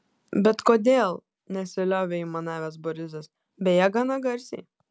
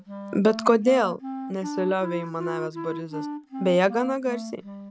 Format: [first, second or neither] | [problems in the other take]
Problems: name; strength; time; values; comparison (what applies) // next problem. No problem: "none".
first | background sound (Wind instrument, woodwind instrument); 9 dB below the speech